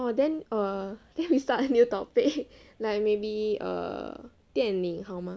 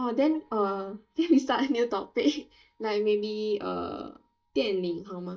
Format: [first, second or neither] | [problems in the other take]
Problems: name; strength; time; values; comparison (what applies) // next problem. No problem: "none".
first | noise reduction (neural mask model DeepFilterNet 3)